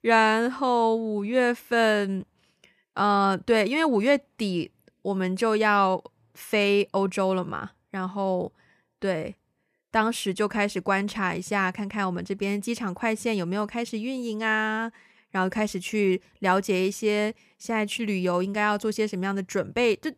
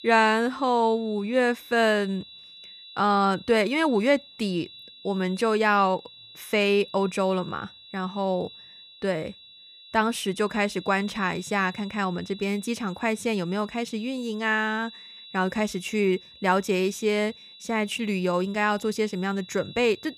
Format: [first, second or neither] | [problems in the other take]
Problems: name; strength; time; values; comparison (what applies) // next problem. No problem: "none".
first | high-pitched whine; noticeable; throughout; 4 kHz, 20 dB below the speech